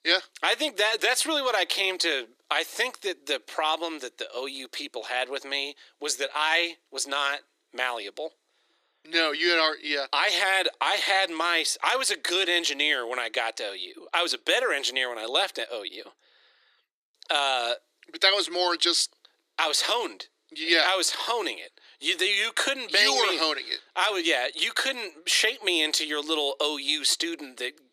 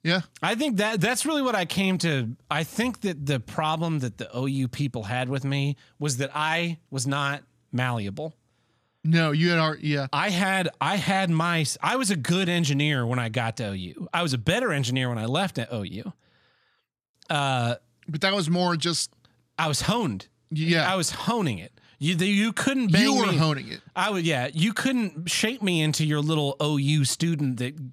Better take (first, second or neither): second